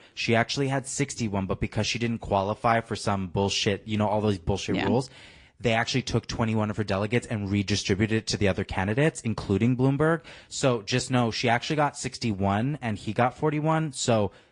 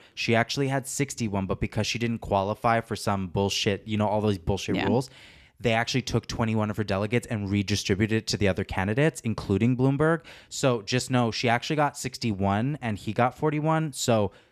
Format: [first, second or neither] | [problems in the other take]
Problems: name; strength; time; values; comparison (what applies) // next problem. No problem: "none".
second | garbled, watery; slightly; nothing above 8.5 kHz